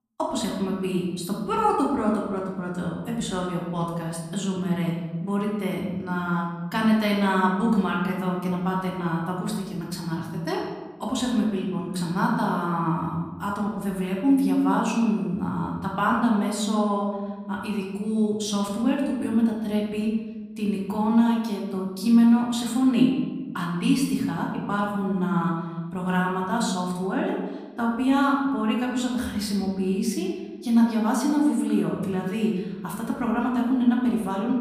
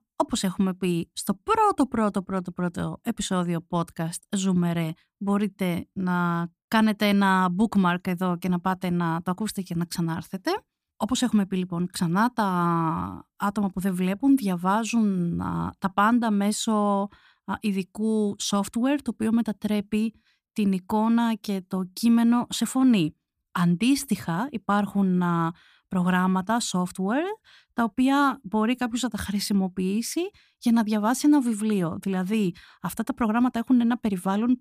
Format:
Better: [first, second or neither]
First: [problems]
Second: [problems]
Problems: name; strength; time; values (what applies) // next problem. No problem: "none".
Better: second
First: room echo; noticeable; dies away in 1.1 s // off-mic speech; far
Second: none